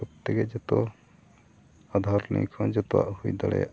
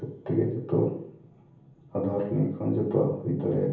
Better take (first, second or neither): first